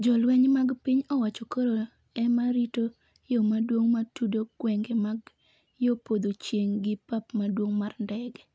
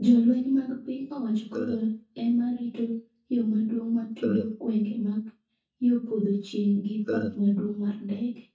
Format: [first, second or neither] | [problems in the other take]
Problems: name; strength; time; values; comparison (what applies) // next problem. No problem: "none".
first | noise reduction (neural mask model DeepFilterNet 3)